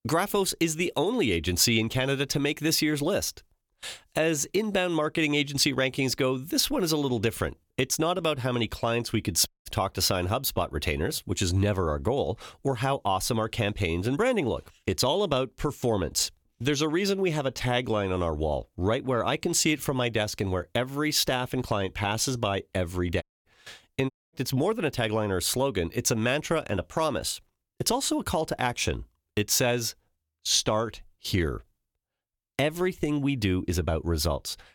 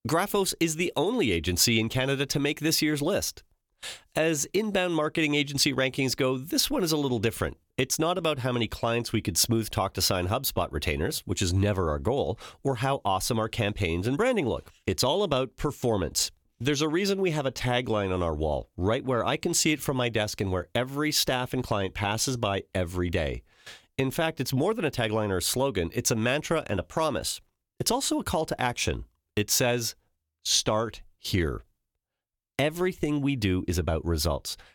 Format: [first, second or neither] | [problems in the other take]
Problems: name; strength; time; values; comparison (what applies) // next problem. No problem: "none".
second | audio cutting out; at 9.5 s, at 23 s and at 24 s